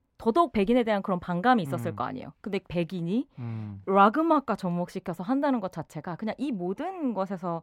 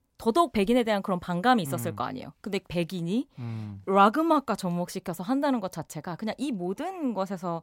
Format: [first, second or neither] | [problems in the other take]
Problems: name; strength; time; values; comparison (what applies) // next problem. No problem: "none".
second | muffled; slightly; fading above 4 kHz